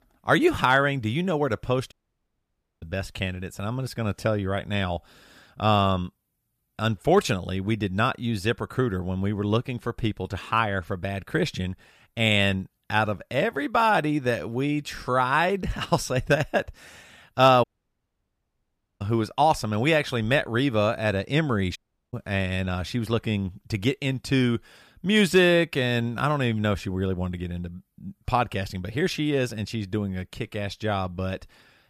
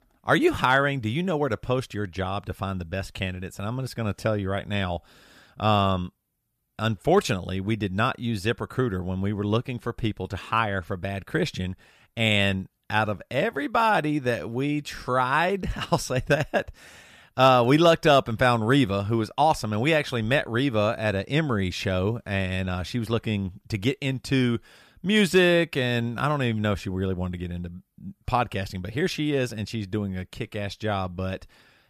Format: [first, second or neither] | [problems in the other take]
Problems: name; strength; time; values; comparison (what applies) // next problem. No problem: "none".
second | audio cutting out; at 2 s for 1 s, at 18 s for 1.5 s and at 22 s